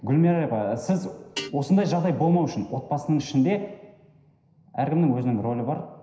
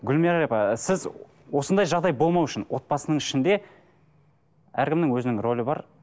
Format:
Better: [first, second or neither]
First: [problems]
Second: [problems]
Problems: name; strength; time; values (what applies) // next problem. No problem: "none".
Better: second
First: background sound (Guitar); 20 dB below the speech // room echo; dies away in 0.9 s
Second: none